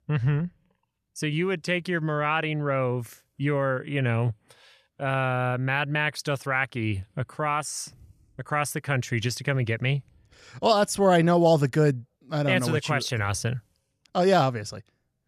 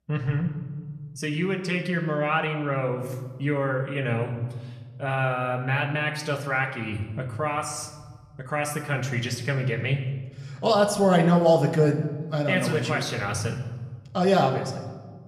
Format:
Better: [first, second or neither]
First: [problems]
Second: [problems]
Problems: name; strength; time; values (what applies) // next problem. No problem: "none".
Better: first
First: none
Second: room echo; slight; dies away in 1 s // off-mic speech; somewhat distant